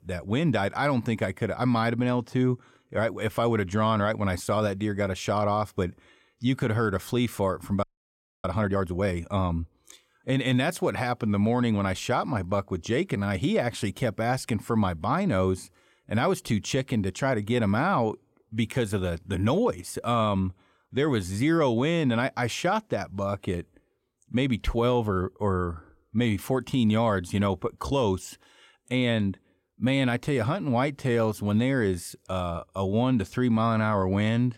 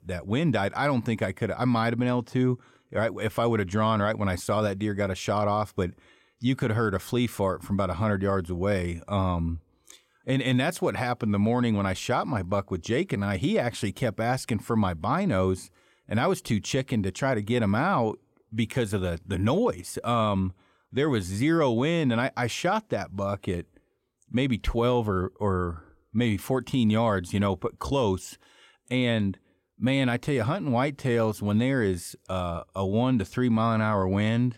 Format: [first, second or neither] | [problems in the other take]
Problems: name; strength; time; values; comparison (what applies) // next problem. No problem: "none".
second | audio freezing; at 8 s for 0.5 s